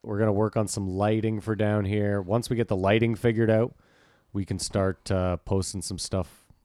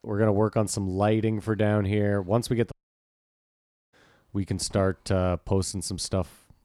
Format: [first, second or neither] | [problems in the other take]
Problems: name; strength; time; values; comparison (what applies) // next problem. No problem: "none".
first | audio cutting out; at 2.5 s for 1 s